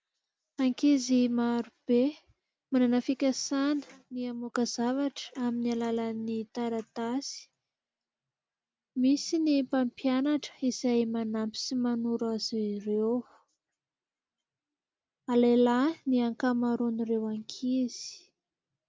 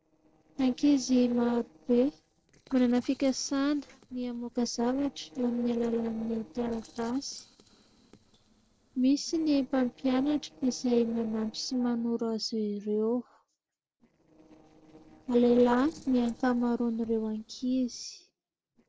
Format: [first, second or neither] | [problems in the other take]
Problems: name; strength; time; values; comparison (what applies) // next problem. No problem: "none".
first | noise reduction (neural separator model SepFormer DNS4)